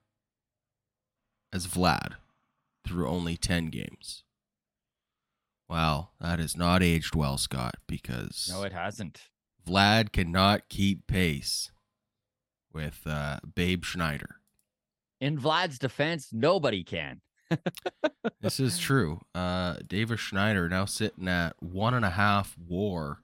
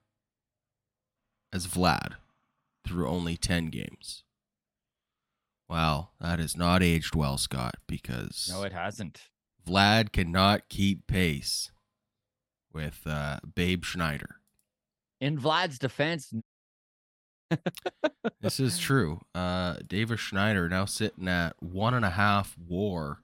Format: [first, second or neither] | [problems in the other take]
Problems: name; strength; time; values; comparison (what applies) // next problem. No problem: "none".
first | audio cutting out; at 16 s for 1 s